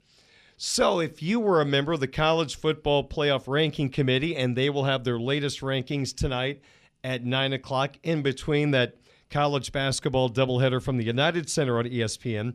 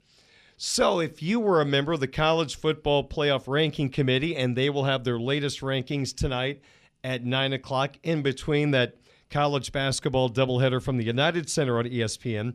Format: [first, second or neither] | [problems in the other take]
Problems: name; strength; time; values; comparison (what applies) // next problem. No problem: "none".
neither | none